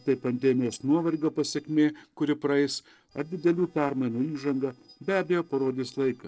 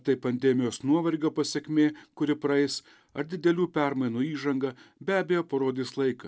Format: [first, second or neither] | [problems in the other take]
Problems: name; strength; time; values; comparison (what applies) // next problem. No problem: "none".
second | noise reduction (neural separator model SepFormer DNS4)